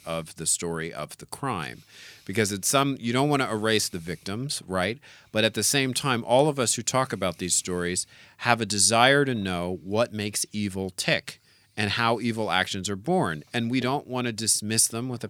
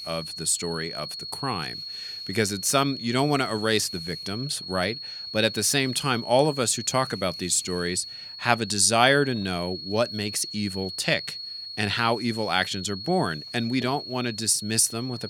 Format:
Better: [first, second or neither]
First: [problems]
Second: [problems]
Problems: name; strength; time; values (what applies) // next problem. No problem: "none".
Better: first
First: none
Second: high-pitched whine; loud; throughout; 4.5 kHz, 10 dB below the speech